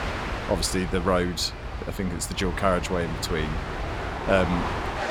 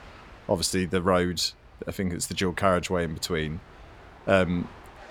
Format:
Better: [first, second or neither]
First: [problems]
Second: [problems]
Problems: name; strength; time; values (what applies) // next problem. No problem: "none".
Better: second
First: train or aircraft noise; loud; throughout; 5 dB below the speech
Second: train or aircraft noise; faint; throughout; 25 dB below the speech